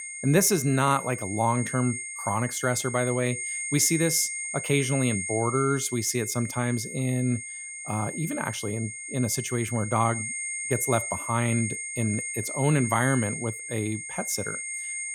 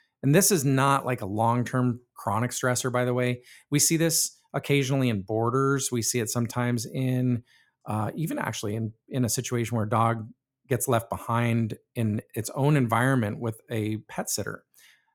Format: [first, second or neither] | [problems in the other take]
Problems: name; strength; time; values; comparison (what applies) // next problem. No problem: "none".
second | high-pitched whine; loud; throughout; 2 kHz, 5 dB below the speech